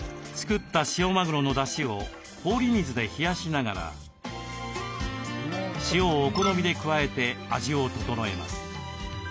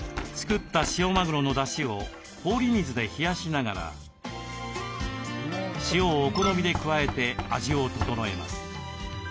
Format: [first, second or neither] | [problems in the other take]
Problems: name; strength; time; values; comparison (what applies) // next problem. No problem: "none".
first | background sound (Knock); 13 dB below the speech